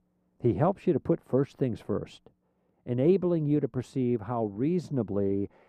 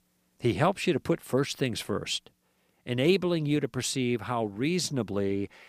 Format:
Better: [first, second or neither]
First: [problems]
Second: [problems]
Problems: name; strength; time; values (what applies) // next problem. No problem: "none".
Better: second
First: muffled; very; fading above 1.5 kHz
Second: none